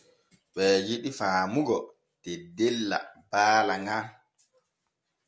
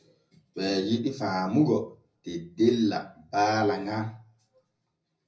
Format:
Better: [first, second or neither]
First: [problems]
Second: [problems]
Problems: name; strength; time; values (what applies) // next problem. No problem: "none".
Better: first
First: none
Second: room echo; dies away in 0.4 s